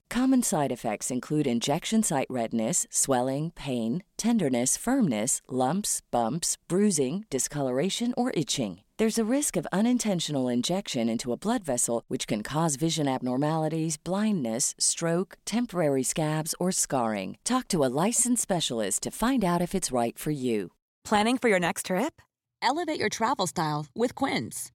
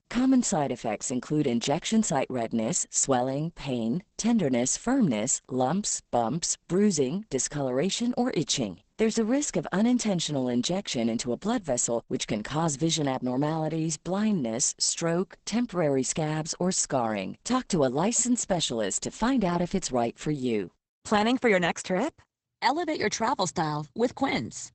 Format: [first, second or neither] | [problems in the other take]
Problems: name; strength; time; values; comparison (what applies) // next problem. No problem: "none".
first | garbled, watery; badly; nothing above 8 kHz